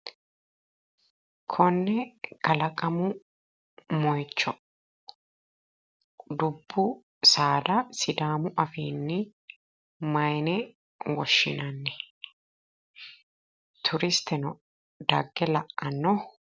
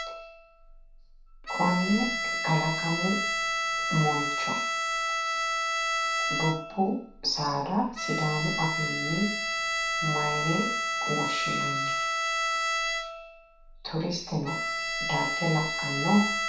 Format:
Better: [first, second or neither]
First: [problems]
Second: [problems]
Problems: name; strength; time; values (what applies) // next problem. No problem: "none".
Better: first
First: none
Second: background sound (Bowed string instrument); 1 dB above the speech // room echo; dies away in 0.7 s